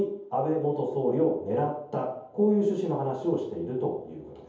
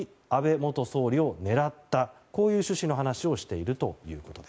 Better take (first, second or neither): second